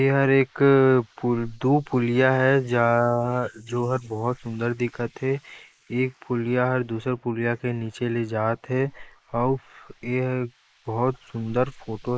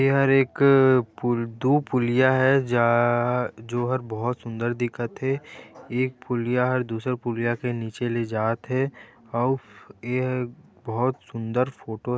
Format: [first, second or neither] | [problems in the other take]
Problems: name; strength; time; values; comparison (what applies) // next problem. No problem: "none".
second | noise reduction (neural mask model Resemble Enhance denoiser)